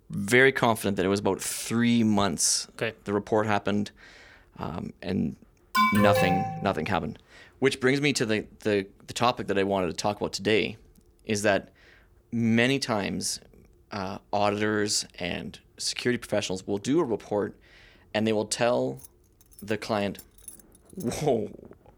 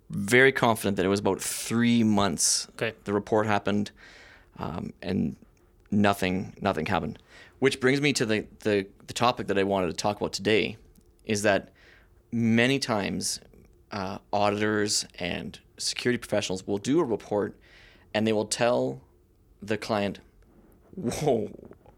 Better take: second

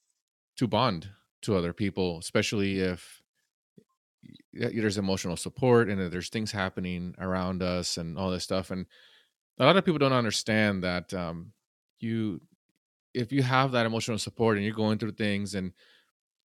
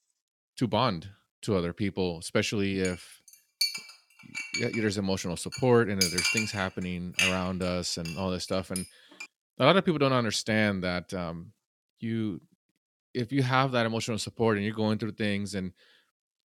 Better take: first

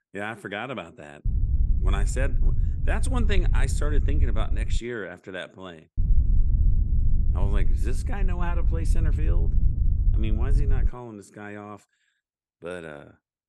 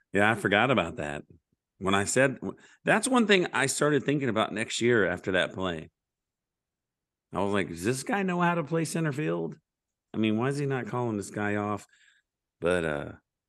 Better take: second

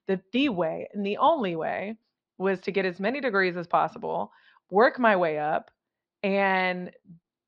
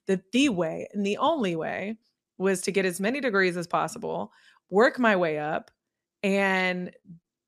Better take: second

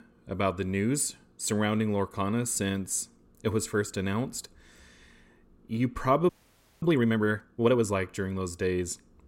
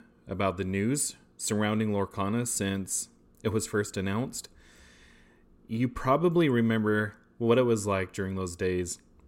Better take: second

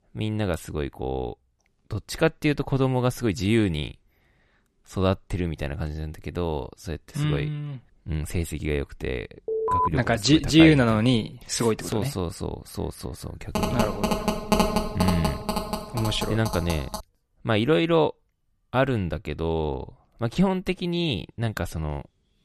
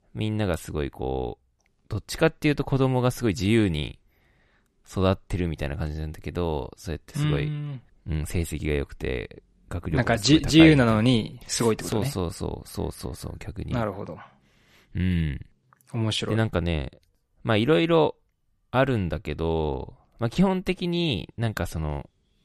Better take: second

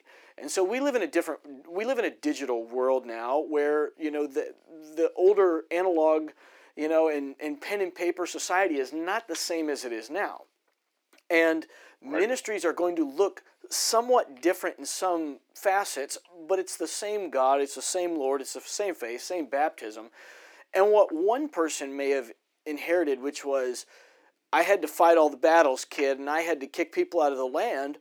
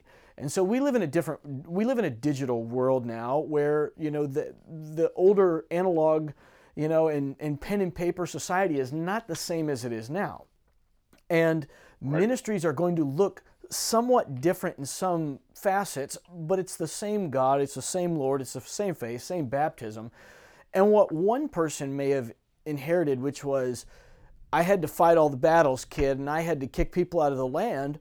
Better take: second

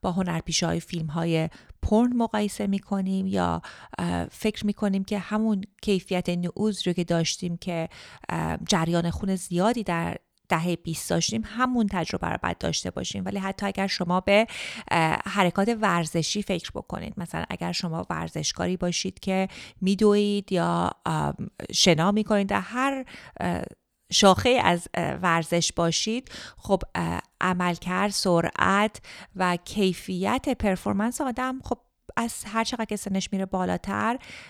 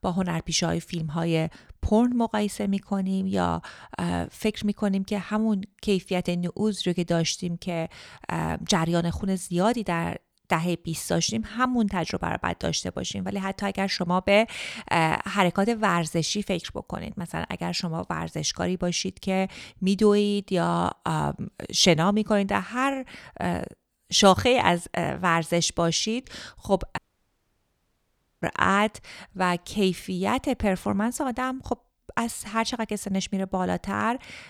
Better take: first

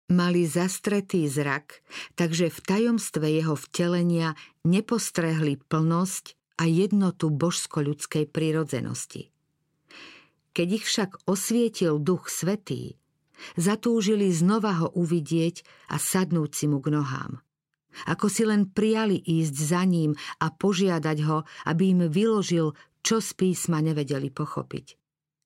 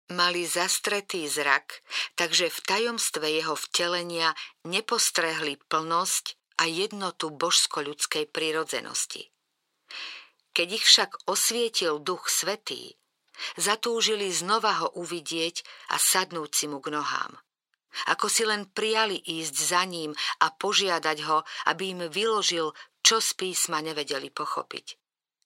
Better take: first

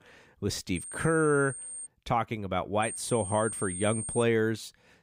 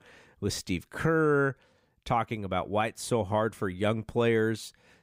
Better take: second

